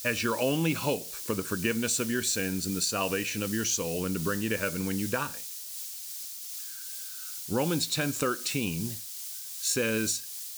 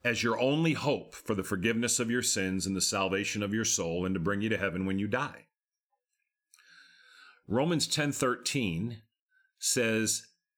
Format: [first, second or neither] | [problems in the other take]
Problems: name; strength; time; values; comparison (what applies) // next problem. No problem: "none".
second | hiss; loud; throughout; 7 dB below the speech